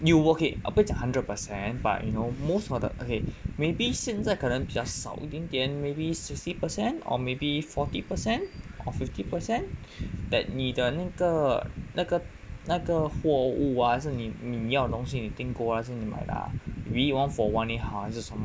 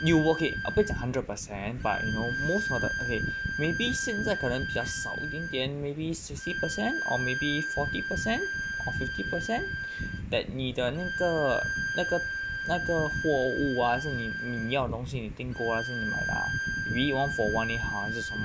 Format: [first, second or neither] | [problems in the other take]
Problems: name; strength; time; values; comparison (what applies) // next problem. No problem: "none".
first | background sound (Bowed string instrument); 4 dB below the speech